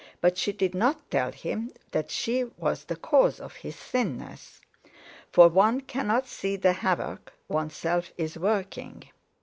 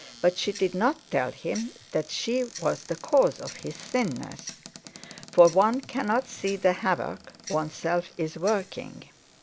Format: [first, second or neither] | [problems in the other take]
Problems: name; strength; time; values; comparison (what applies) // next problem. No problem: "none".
first | background sound (Tick-tock + Cupboard open or close); 19 dB below the speech